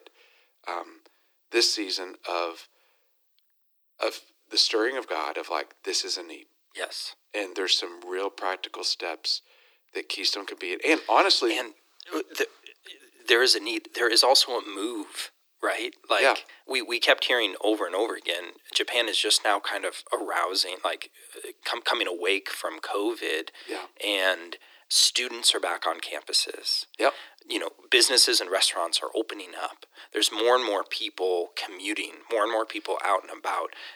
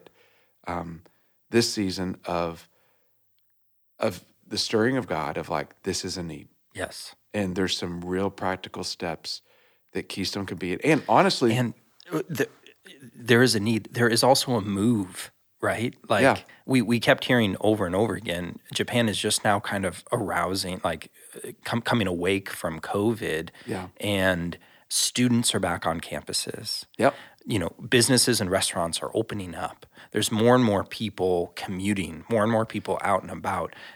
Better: second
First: thin; very; fading below 300 Hz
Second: none

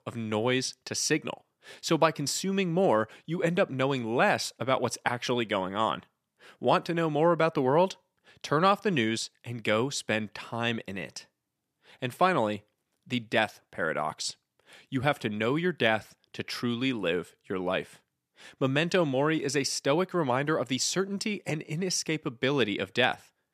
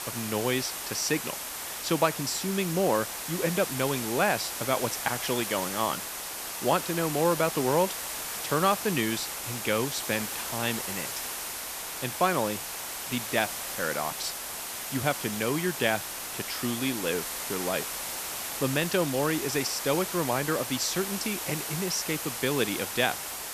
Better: first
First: none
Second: hiss; loud; throughout; 4 dB below the speech

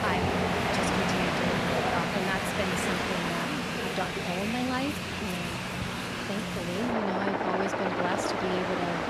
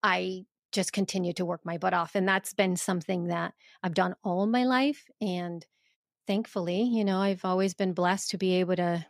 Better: second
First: train or aircraft noise; very loud; throughout; 5 dB above the speech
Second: none

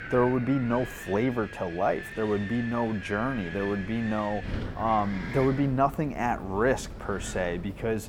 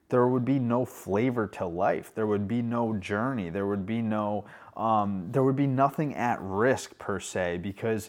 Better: second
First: wind in the background; noticeable; throughout; 10 dB below the speech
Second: none

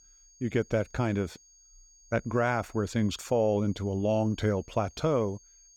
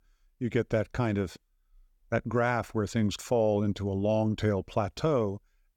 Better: second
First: high-pitched whine; faint; throughout; 6.5 kHz, 25 dB below the speech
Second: none

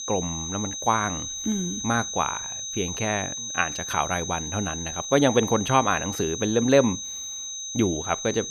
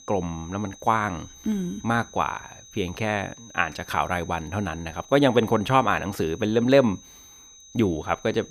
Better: second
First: high-pitched whine; loud; throughout; 6.5 kHz, 5 dB below the speech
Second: high-pitched whine; faint; throughout; 6.5 kHz, 20 dB below the speech

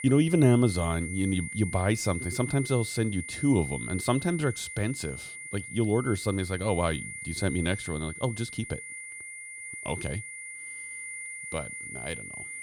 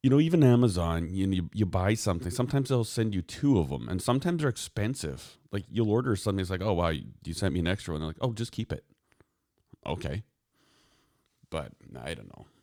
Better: second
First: high-pitched whine; loud; throughout; 2 kHz, 9 dB below the speech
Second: none

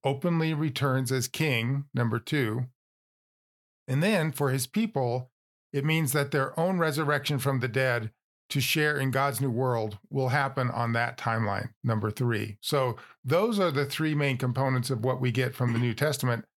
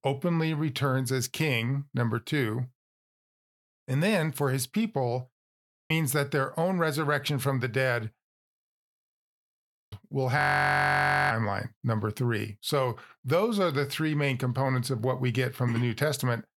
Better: first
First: none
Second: audio freezing; at 5.5 s, at 8.5 s for 1.5 s and at 10 s for 1 s

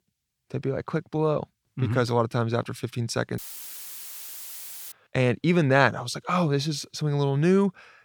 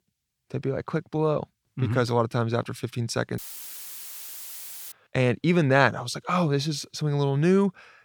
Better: neither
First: audio cutting out; filled with static; at 3.5 s for 1.5 s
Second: audio cutting out; filled with static; at 3.5 s for 1.5 s

